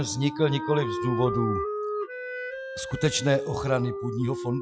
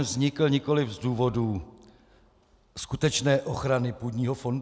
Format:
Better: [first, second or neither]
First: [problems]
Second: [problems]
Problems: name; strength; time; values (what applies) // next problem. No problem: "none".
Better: second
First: noise reduction (classical method Wiener filter)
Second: none